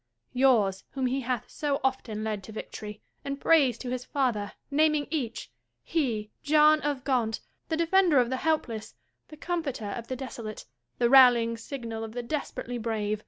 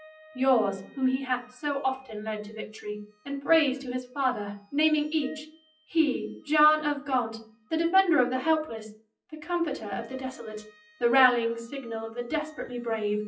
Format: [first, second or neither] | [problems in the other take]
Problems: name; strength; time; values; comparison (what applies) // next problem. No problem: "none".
first | noise reduction (classical method WPE with log-MMSE)